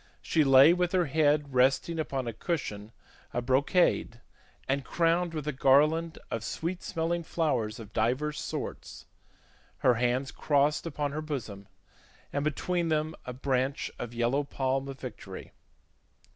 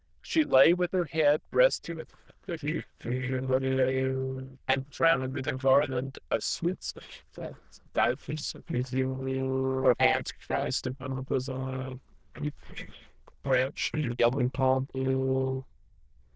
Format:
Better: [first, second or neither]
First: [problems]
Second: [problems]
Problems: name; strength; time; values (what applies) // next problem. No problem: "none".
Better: first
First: none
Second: noise reduction (neural diffusion model UNIVERSE++)